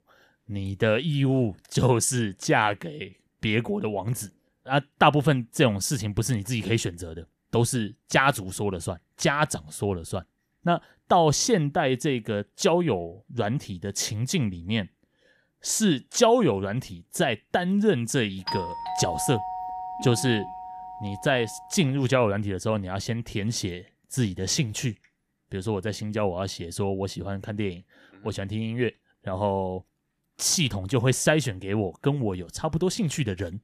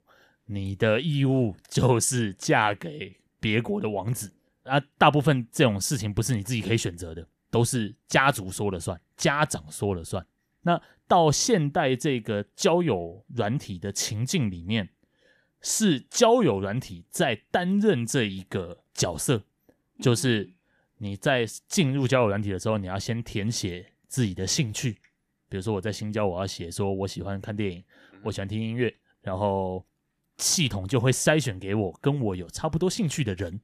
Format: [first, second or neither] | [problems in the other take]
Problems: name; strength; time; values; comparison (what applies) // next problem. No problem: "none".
second | doorbell; noticeable; from 18 to 22 s; peak 5 dB below the speech